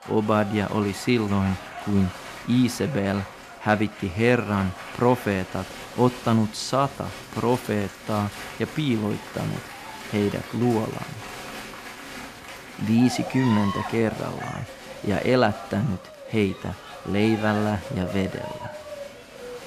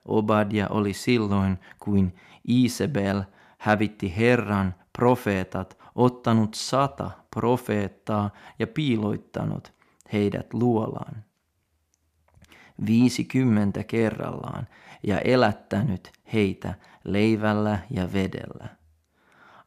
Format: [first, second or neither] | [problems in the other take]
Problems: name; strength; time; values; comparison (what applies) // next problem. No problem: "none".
second | crowd noise; noticeable; throughout; 10 dB below the speech